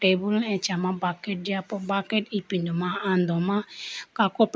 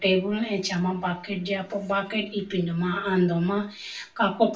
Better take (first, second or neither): first